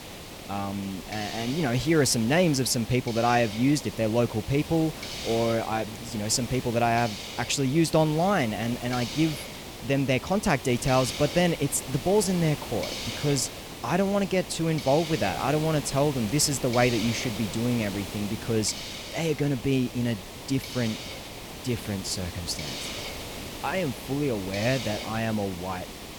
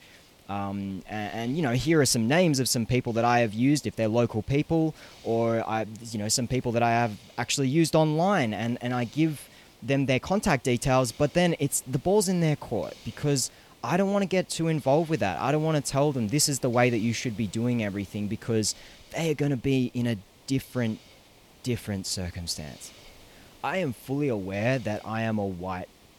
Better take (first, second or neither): second